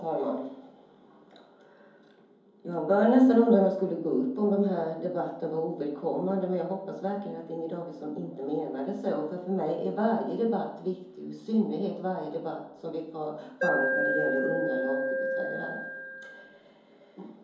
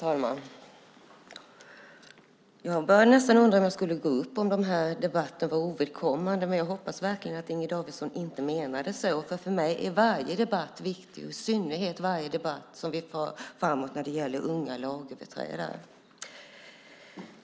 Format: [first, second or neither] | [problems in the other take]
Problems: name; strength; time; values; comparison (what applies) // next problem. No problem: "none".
second | background sound (Alarm); 1 dB below the speech // room echo; dies away in 2.8 s